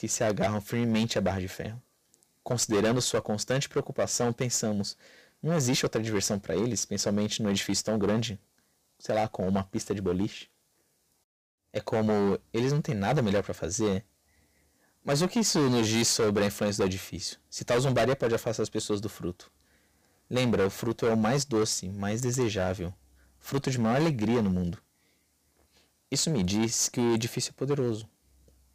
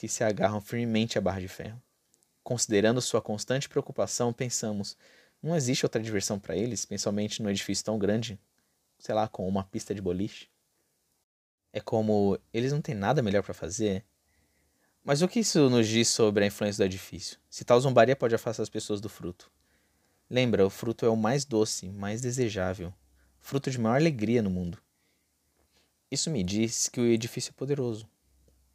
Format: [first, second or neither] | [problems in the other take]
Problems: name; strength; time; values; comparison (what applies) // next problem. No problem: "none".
second | distortion; heavy; 9% of the sound clipped